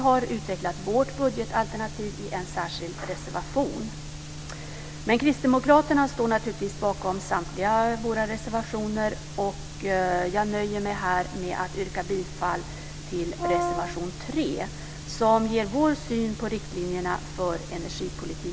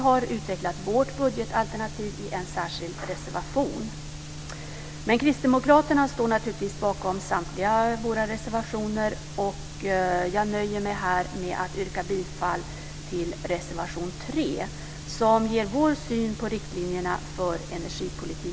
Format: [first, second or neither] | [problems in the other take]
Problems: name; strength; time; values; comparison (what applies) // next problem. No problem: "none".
second | background sound (Brass instrument); 4 dB below the speech